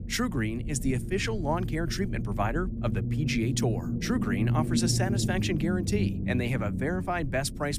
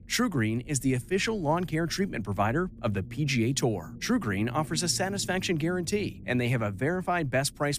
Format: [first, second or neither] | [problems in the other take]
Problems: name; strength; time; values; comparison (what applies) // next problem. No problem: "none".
second | low rumble; loud; throughout; 8 dB below the speech; faint in the second